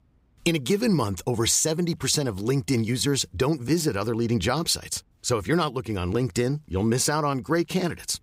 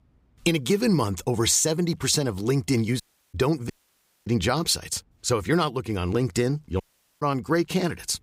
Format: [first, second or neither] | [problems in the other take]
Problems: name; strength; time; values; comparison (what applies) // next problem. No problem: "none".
first | audio cutting out; at 3 s, at 3.5 s for 0.5 s and at 7 s